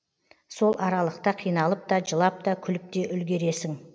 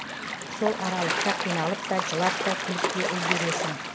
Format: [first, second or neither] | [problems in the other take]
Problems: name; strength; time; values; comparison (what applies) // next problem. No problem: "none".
first | background sound (Gull, seagull / Waves, surf); 1 dB above the speech